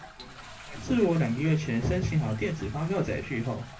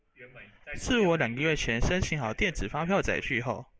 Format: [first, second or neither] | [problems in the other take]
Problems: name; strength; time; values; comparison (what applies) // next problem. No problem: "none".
second | background sound (Toilet flush); 18 dB below the speech // room echo; dies away in 0.4 s